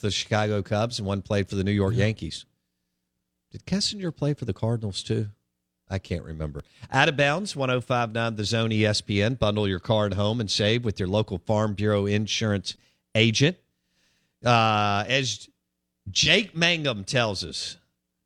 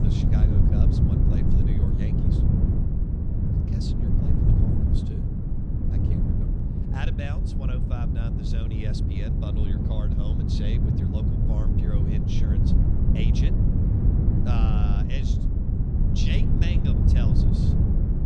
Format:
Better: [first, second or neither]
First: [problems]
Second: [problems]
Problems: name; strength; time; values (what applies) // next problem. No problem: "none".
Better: first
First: none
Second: wind noise on the microphone; heavy; 5 dB above the speech